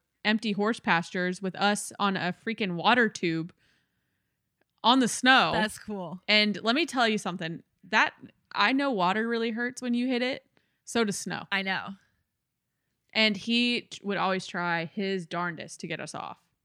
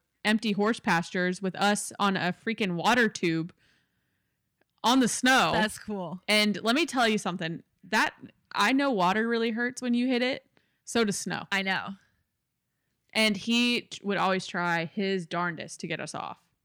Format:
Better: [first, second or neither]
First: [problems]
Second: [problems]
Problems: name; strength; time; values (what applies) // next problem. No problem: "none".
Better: first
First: none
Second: distortion; slight; 2% of the sound clipped